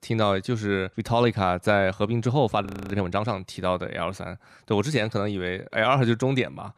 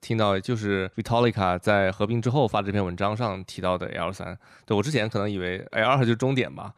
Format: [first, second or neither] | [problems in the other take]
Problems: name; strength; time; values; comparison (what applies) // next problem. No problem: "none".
second | audio freezing; at 2.5 s